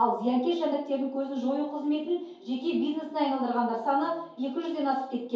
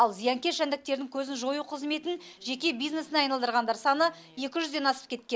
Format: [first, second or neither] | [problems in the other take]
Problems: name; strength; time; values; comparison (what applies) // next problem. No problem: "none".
second | room echo; dies away in 2.4 s